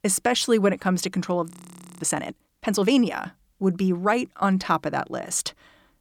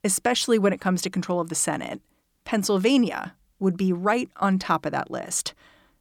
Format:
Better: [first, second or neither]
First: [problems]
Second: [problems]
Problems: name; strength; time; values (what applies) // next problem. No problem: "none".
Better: second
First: audio freezing; at 1.5 s for 0.5 s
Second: none